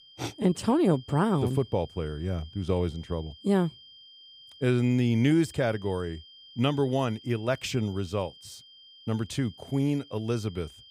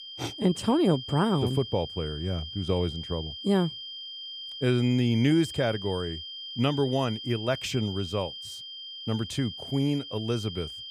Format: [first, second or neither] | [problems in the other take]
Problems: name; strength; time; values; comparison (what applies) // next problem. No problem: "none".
first | high-pitched whine; loud; throughout; 3 kHz, 9 dB below the speech; faint in the first